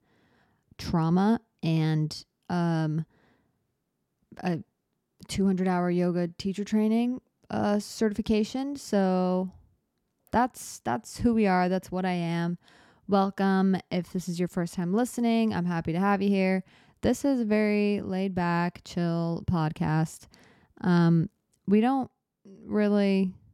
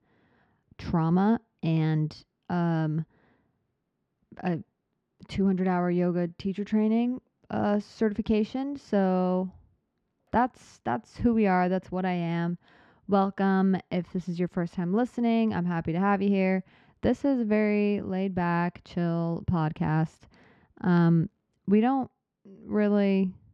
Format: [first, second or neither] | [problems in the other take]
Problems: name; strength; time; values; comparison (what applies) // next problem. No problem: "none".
first | muffled; slightly; fading above 3 kHz